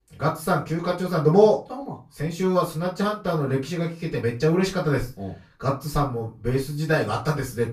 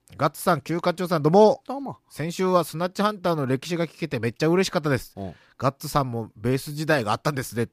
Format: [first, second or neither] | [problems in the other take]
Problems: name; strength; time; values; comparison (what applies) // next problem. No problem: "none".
second | off-mic speech; far // room echo; slight; dies away in 0.2 s